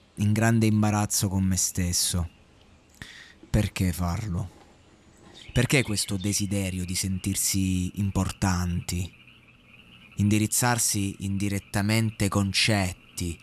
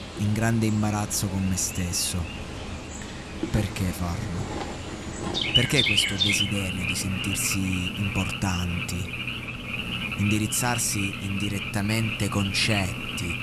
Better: first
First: animal sounds; faint; throughout; 25 dB below the speech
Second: animal sounds; loud; throughout; 2 dB below the speech

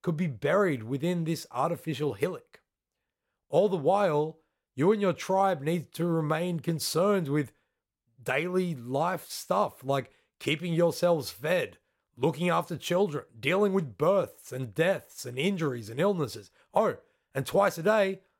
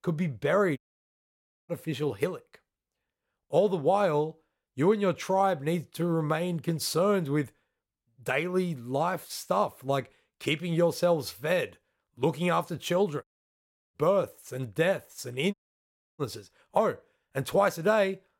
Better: first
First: none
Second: audio cutting out; at 1 s for 1 s, at 13 s for 0.5 s and at 16 s for 0.5 s

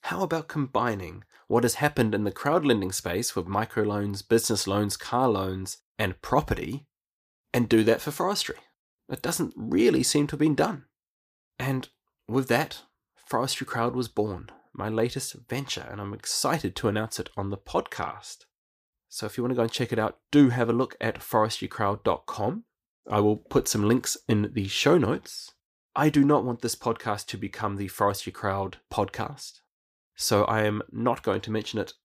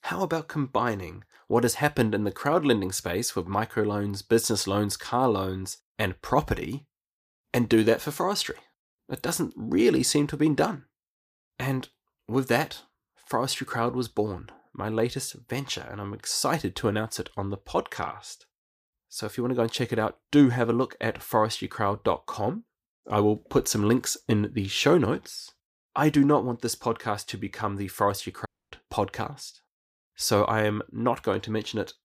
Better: first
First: none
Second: audio cutting out; at 28 s

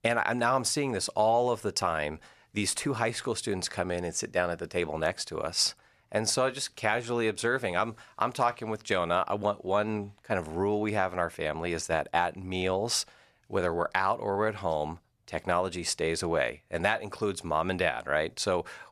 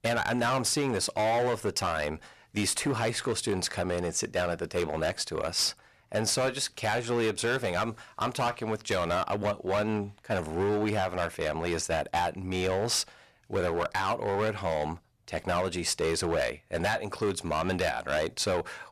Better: first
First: none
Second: distortion; heavy; 11% of the sound clipped

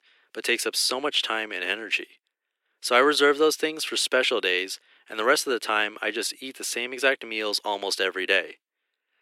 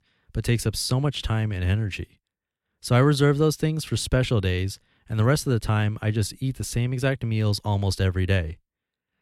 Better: second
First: thin; very; fading below 350 Hz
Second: none

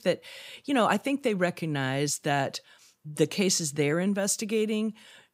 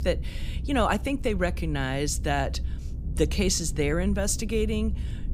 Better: first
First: none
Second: low rumble; faint; throughout; 20 dB below the speech

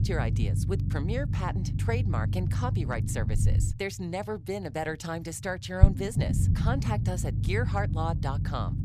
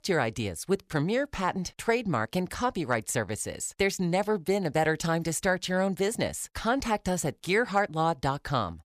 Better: second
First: low rumble; loud; throughout; 7 dB below the speech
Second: none

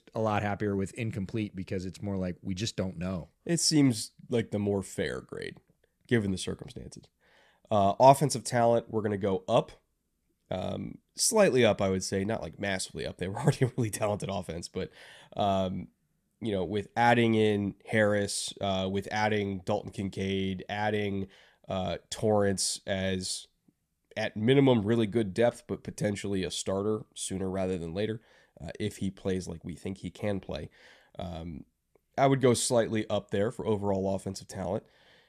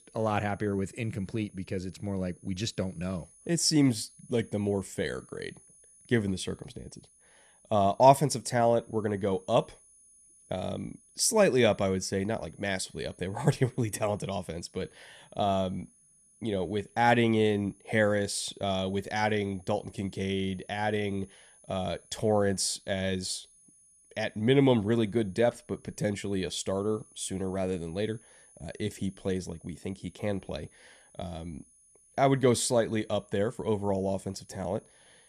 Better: first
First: none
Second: high-pitched whine; faint; throughout; 10 kHz, 30 dB below the speech

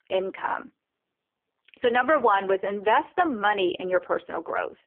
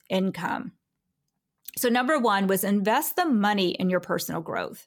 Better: second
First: phone-call audio; poor line; nothing above 3.5 kHz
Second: none

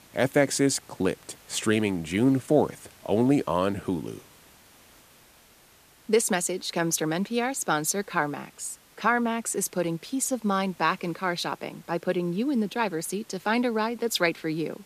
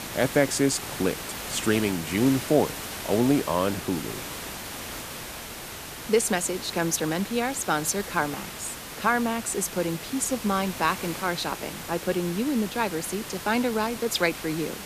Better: first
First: hiss; faint; throughout; 25 dB below the speech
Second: hiss; loud; throughout; 9 dB below the speech

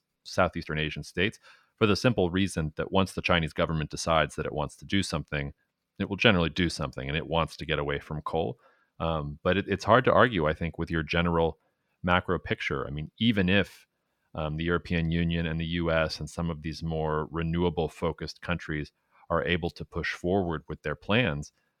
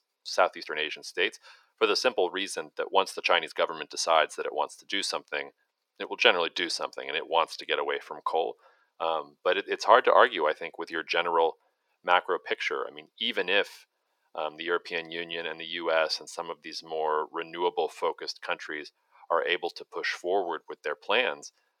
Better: first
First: none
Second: thin; very; fading below 400 Hz

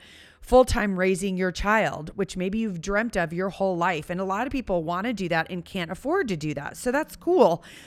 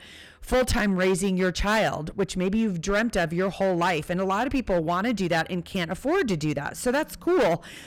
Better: first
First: none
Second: distortion; heavy; 10% of the sound clipped

